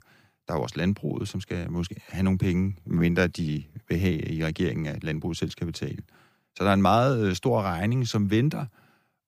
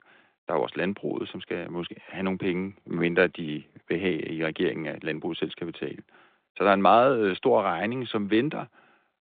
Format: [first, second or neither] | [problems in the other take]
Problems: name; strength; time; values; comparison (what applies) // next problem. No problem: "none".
first | phone-call audio; nothing above 3.5 kHz